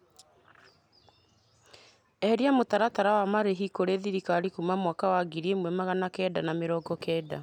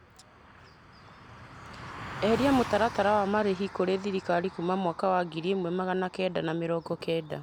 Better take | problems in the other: first | background sound (Car passing by); 14 dB below the speech

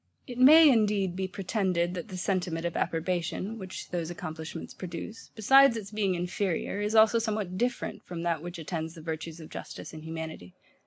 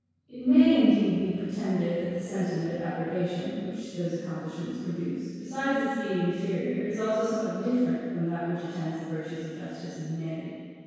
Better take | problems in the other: first | room echo; dies away in 2 s

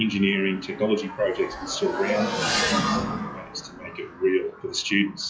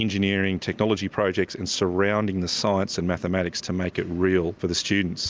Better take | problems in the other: second | noise reduction (classical method WPE with log-MMSE)

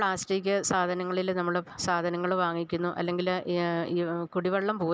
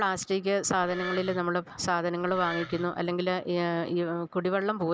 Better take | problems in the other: first | background sound (Wood); 12 dB below the speech

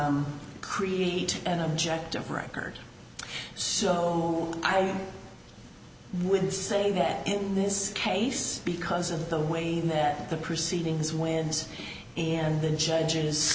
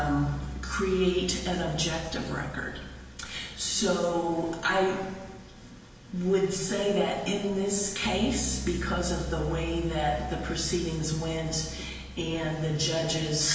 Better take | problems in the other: first | background sound (Bass guitar); 11 dB below the speech // room echo; dies away in 1 s

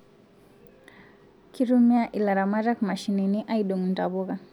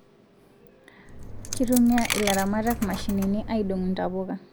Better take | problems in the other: first | background sound (Coin (dropping)); 6 dB below the speech

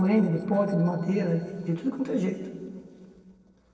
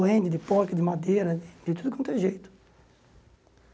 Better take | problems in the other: second | noise reduction (neural separator model SepFormer DNS4)

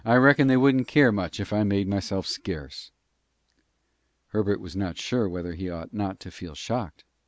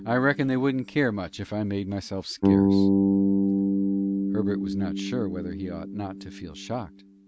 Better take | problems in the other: first | background sound (Bass guitar); 3 dB above the speech

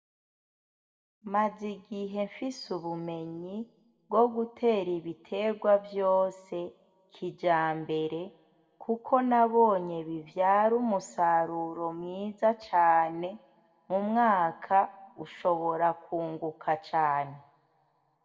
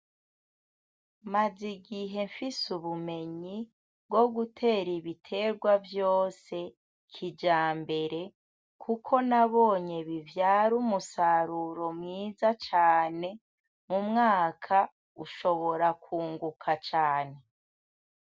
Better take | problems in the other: second | room echo; dies away in 0.9 s

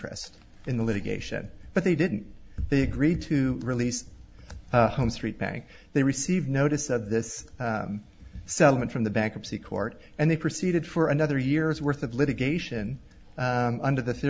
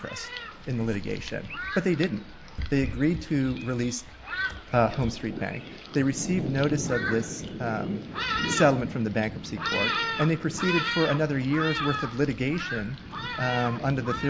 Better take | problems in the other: first | background sound (Thunderstorm); 6 dB below the speech

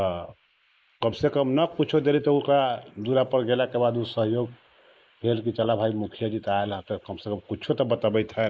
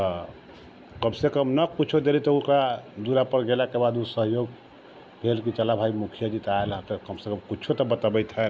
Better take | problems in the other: second | noise reduction (neural mask model Resemble Enhance denoiser)

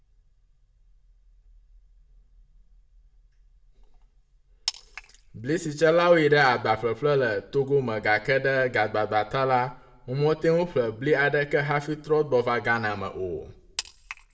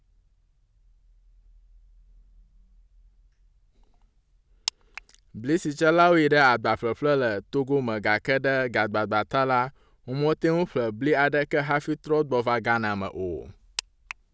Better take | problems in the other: second | room echo; dies away in 0.4 s

